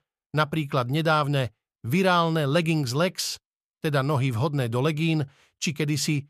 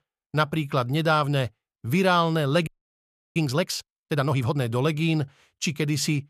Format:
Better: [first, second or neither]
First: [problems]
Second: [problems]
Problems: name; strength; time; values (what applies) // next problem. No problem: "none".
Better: first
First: none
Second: audio freezing; at 2.5 s for 0.5 s